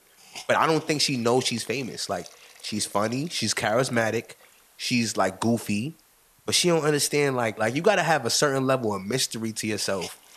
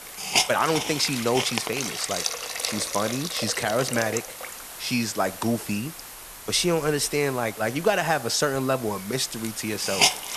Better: first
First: hiss; faint; throughout; 25 dB below the speech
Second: hiss; loud; throughout; 4 dB below the speech

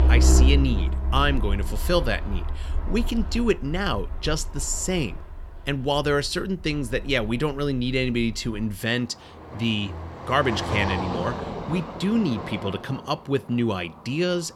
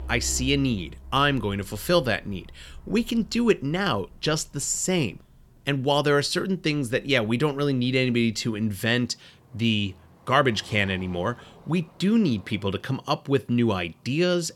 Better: second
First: traffic noise; loud; throughout; 2 dB below the speech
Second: traffic noise; faint; throughout; 20 dB below the speech

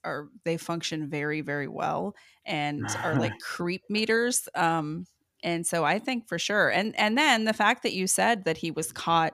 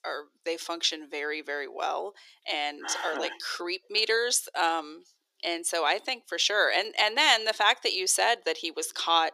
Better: first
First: none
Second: thin; very; fading below 350 Hz

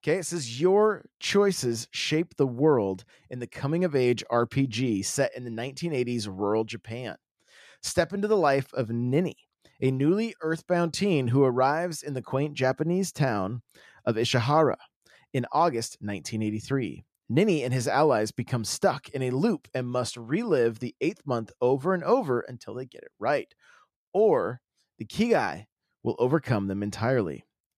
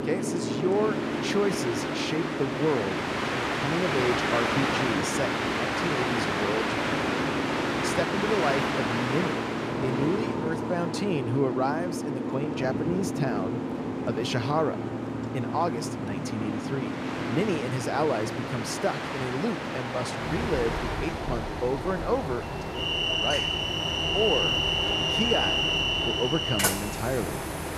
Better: first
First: none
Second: train or aircraft noise; very loud; throughout; 3 dB above the speech

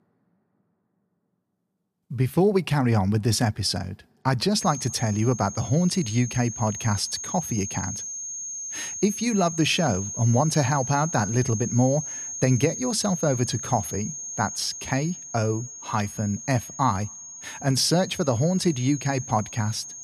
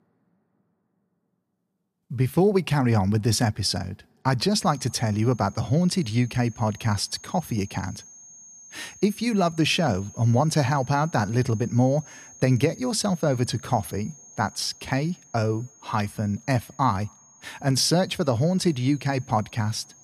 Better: second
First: high-pitched whine; loud; from 4.5 s on; 6.5 kHz, 8 dB below the speech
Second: high-pitched whine; faint; from 4.5 s on; 6.5 kHz, 20 dB below the speech

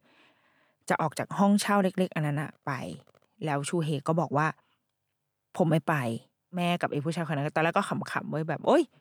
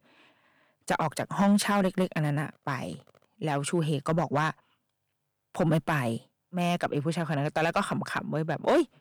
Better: first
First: none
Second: distortion; slight; 2% of the sound clipped

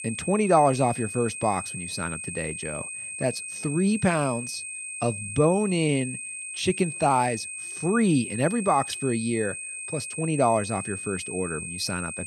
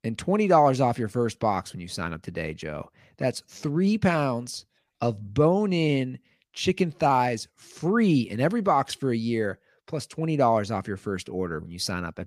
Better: second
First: high-pitched whine; loud; throughout; 8.5 kHz, 7 dB below the speech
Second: none

